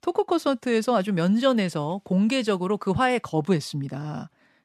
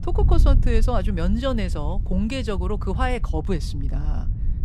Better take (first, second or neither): first